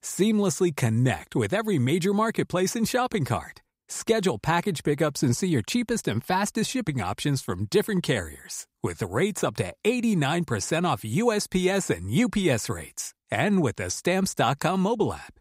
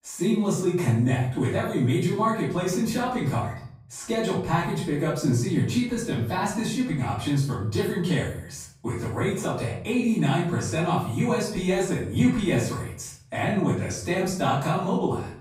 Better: first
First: none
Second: off-mic speech; far // room echo; noticeable; dies away in 0.6 s

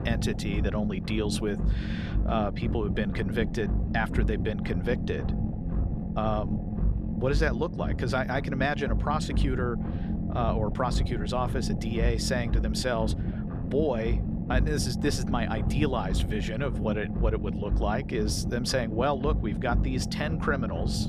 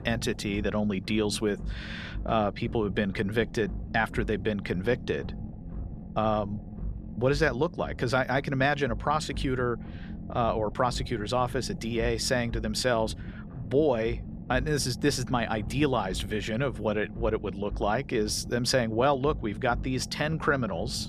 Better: second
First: low rumble; loud; throughout; 9 dB below the speech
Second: low rumble; faint; throughout; 20 dB below the speech

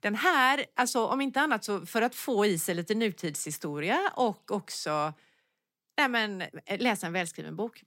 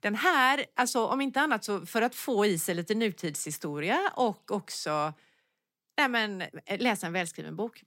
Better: neither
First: none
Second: none

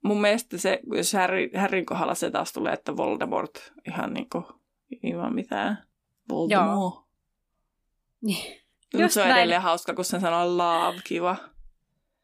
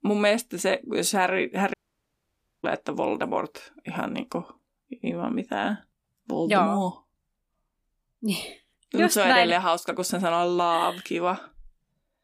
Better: first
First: none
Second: audio cutting out; at 1.5 s for 1 s

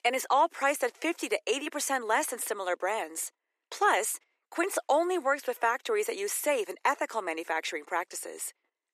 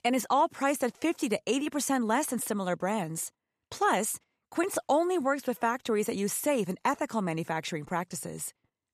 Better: second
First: thin; somewhat; fading below 350 Hz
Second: none

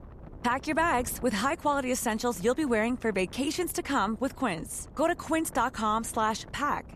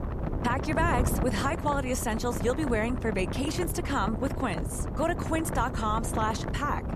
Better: first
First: wind noise on the microphone; occasional gusts; 25 dB below the speech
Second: wind noise on the microphone; heavy; 8 dB below the speech

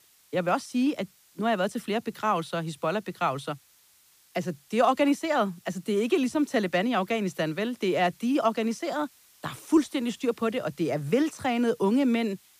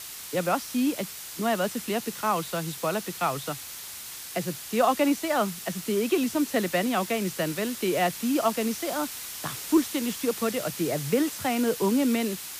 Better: first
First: hiss; faint; throughout; 30 dB below the speech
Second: hiss; loud; throughout; 8 dB below the speech

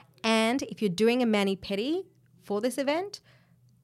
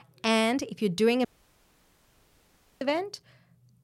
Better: first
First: none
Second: audio cutting out; at 1.5 s for 1.5 s

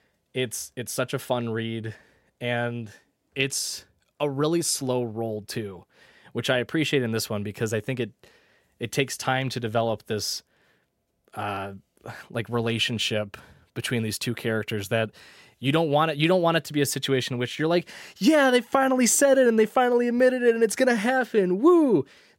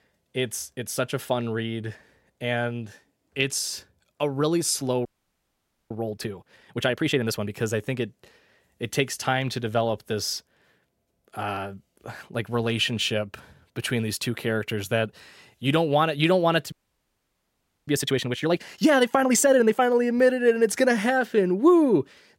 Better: first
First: none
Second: audio freezing; at 5 s for 1 s and at 17 s for 1 s

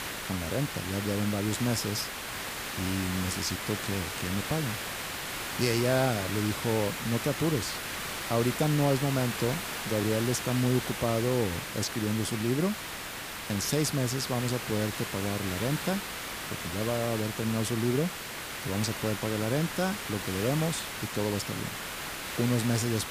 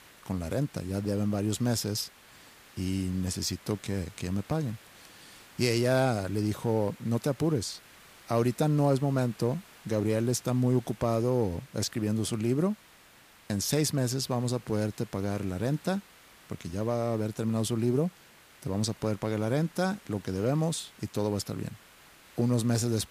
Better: second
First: hiss; loud; throughout; 4 dB below the speech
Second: hiss; faint; throughout; 25 dB below the speech

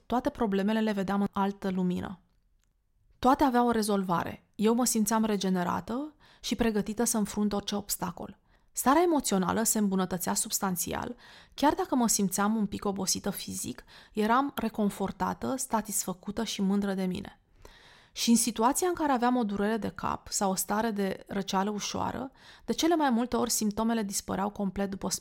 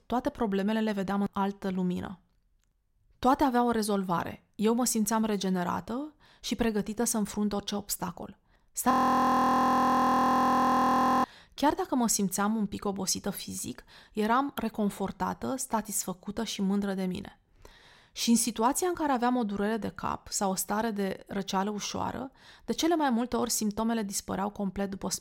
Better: first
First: none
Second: audio freezing; at 9 s for 2.5 s

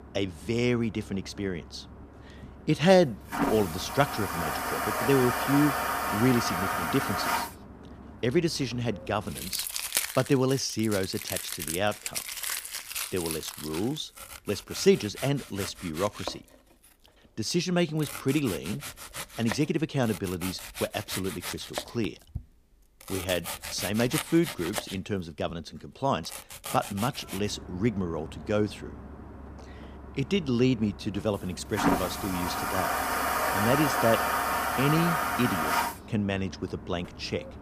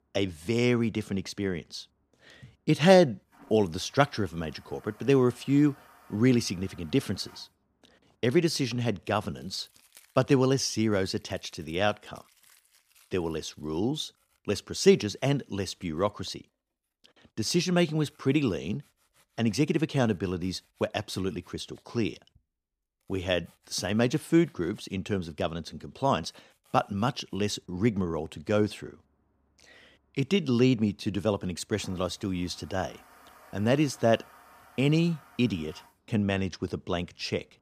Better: second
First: household noises; loud; throughout; 2 dB below the speech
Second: household noises; faint; throughout; 30 dB below the speech

